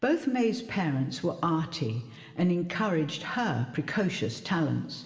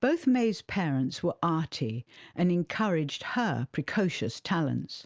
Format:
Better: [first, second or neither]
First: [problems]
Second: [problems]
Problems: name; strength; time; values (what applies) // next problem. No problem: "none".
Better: second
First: room echo; dies away in 1.7 s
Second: none